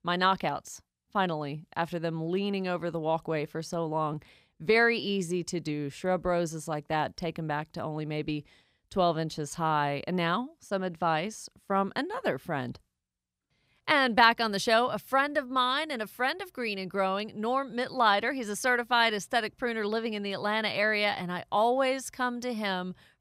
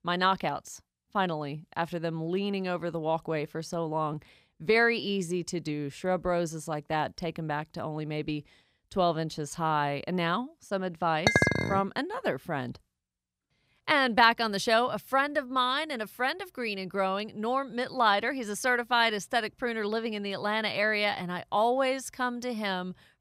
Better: first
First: none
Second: clattering dishes; loud; at 11 s; peak 5 dB above the speech

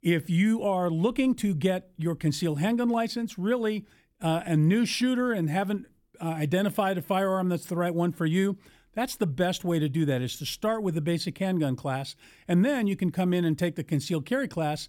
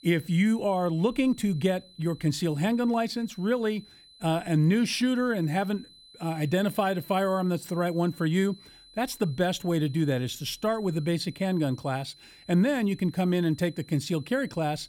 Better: first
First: none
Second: high-pitched whine; faint; throughout; 4 kHz, 25 dB below the speech

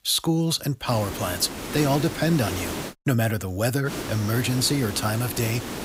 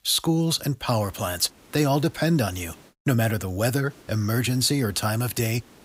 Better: second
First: hiss; loud; from 1 to 3 s and from 4 s on; 8 dB below the speech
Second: hiss; faint; from 1 to 3 s and from 4 s on; 30 dB below the speech

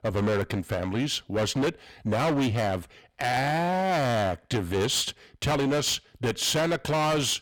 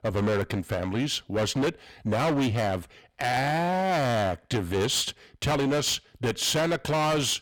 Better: neither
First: distortion; heavy; 22% of the sound clipped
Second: distortion; heavy; 22% of the sound clipped

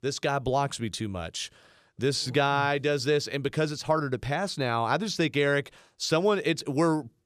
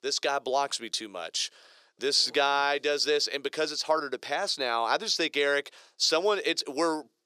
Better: first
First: none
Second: thin; somewhat; fading below 400 Hz

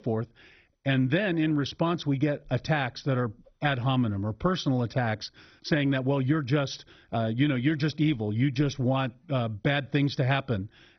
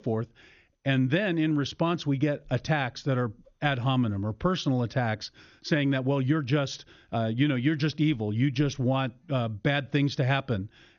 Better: second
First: garbled, watery; badly; nothing above 6 kHz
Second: garbled, watery; slightly; nothing above 6.5 kHz

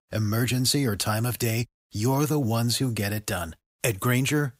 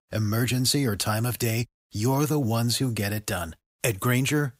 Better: neither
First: none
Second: none

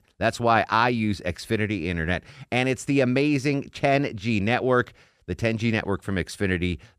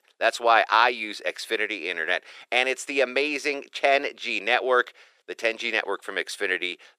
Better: first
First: none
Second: thin; very; fading below 400 Hz

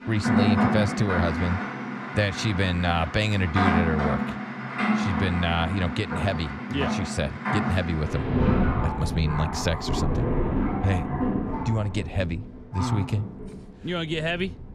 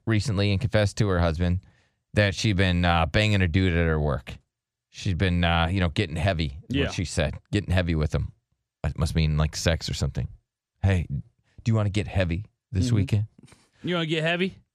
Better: second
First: rain or running water; loud; throughout; as loud as the speech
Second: none

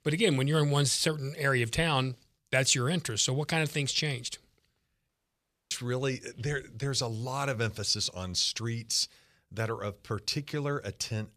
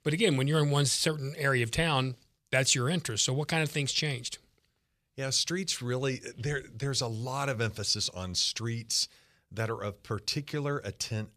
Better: second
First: audio cutting out; at 5 s for 0.5 s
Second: none

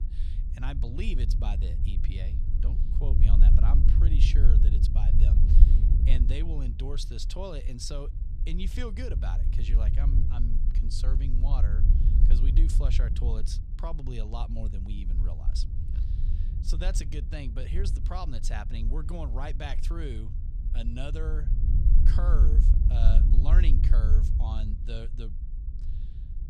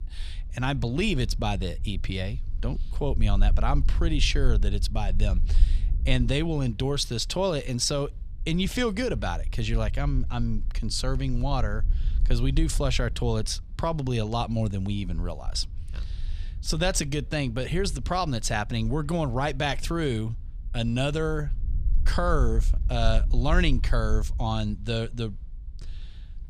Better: second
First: low rumble; loud; throughout; 4 dB below the speech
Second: low rumble; faint; throughout; 25 dB below the speech

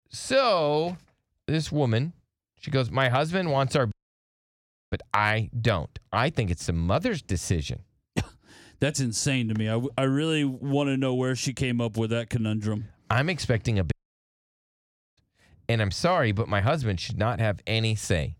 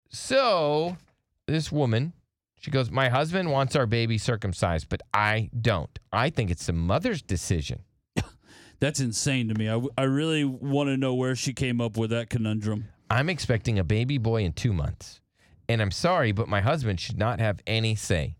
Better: second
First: audio cutting out; at 4 s for 1 s and at 14 s for 1.5 s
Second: none

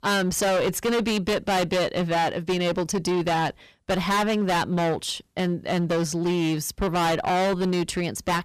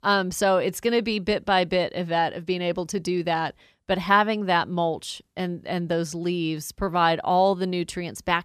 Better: second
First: distortion; heavy; 26% of the sound clipped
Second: none

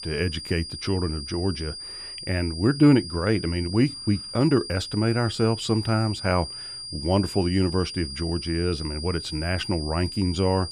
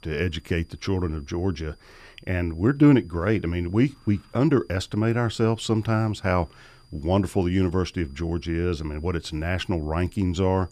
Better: second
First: high-pitched whine; loud; throughout; 5 kHz, 9 dB below the speech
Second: high-pitched whine; faint; throughout; 5 kHz, 35 dB below the speech

